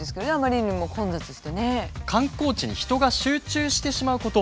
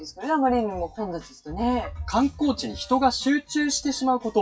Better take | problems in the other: first | noise reduction (classical method WPE with log-MMSE)

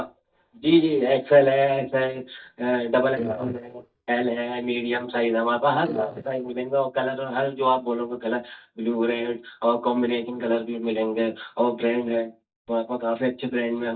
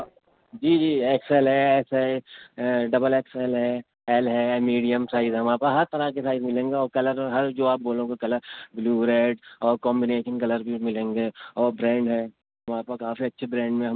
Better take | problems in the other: second | noise reduction (neural mask model DeepFilterNet 3)

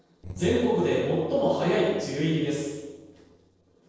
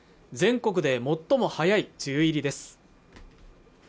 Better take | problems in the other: second | noise reduction (neural separator model SepFormer DNS4)

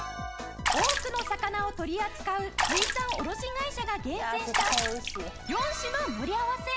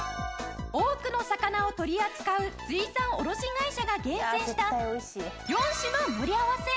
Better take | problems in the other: second | background sound (Water / Splash, splatter); 1 dB below the speech

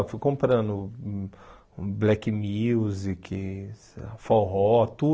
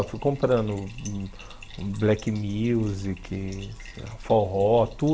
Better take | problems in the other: first | background sound (Bathtub (filling or washing)); 16 dB below the speech

